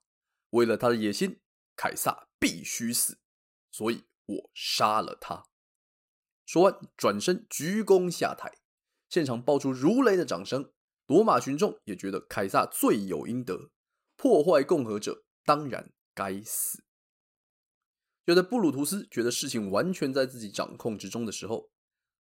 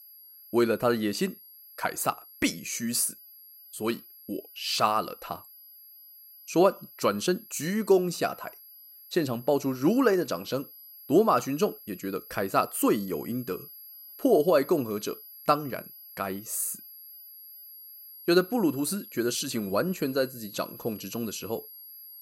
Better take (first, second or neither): first